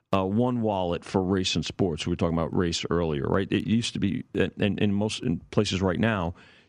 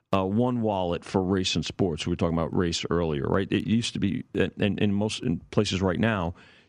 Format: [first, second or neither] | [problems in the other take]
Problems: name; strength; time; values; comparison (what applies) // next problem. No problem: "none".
neither | none